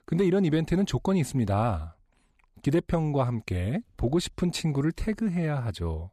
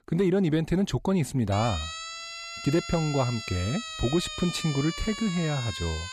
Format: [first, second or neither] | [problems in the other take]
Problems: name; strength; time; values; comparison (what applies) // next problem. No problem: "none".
first | siren; noticeable; from 1.5 s on; peak 7 dB below the speech